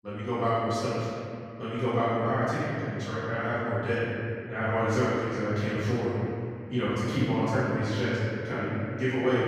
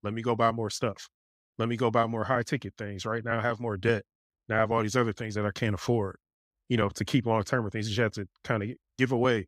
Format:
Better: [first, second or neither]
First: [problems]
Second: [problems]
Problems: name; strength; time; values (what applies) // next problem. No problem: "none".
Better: second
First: room echo; strong; dies away in 2.9 s // off-mic speech; far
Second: none